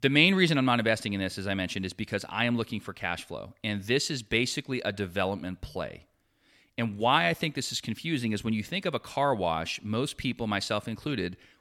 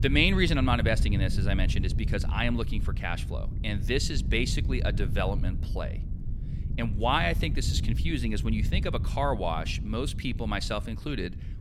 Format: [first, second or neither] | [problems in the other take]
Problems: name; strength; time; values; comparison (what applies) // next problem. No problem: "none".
first | wind noise on the microphone; occasional gusts; 15 dB below the speech